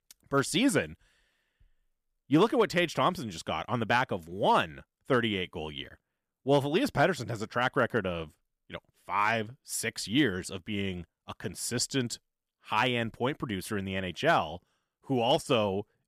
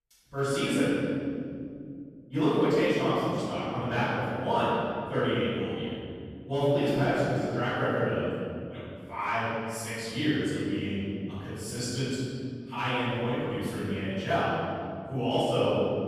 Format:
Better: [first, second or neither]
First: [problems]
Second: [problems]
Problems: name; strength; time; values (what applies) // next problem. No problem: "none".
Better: first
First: none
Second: off-mic speech; far // room echo; strong; dies away in 2.8 s